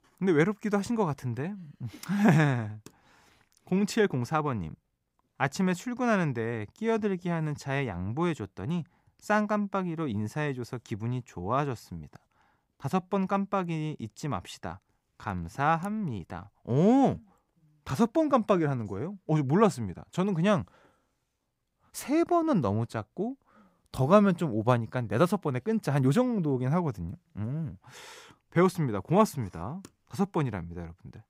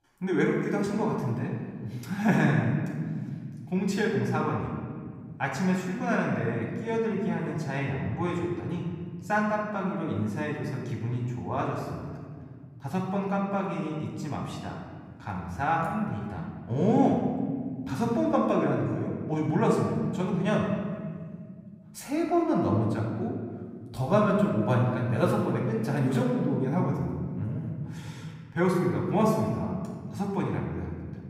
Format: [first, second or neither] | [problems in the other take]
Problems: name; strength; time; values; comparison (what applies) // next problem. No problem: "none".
first | off-mic speech; far // room echo; noticeable; dies away in 1.8 s